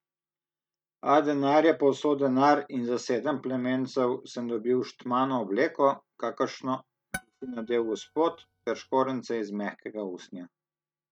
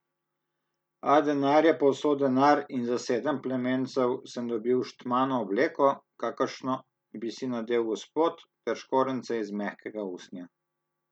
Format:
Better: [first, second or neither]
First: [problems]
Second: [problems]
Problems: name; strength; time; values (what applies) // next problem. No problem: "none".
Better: second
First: noise reduction (neural mask model RNNoise)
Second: none